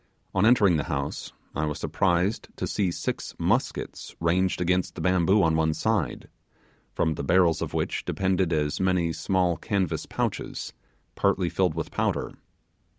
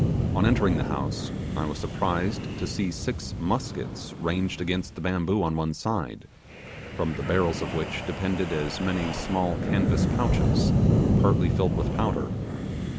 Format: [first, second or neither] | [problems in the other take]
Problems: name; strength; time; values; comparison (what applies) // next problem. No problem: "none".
first | background sound (Wind); 1 dB above the speech